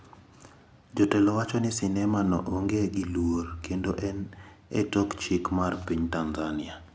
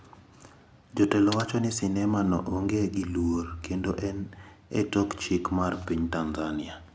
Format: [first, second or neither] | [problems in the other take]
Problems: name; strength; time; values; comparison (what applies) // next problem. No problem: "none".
first | background sound (Computer keyboard); 15 dB below the speech